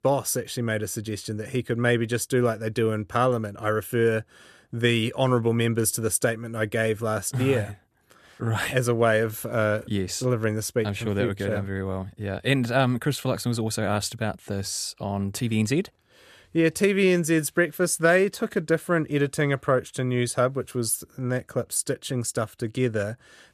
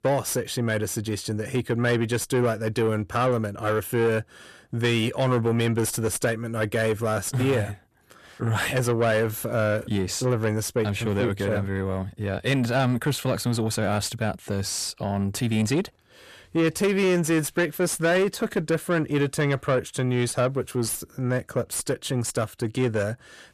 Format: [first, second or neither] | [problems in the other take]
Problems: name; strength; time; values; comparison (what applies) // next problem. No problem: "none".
first | distortion; slight; 10 dB below the speech